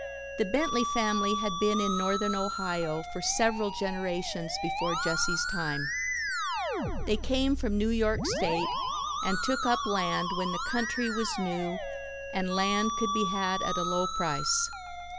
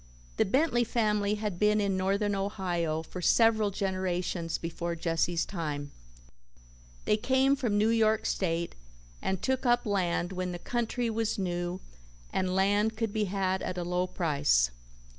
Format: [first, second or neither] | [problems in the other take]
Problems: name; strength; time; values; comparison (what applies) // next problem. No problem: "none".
second | background sound (Musical instrument); 2 dB below the speech